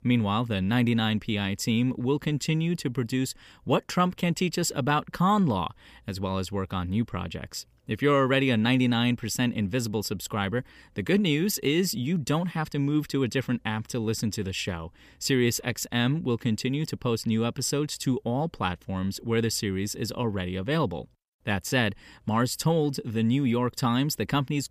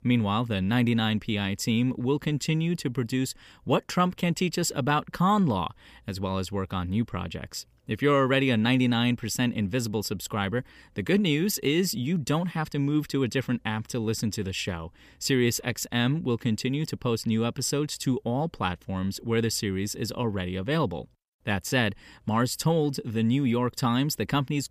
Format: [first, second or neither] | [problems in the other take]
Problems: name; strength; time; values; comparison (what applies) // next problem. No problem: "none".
neither | none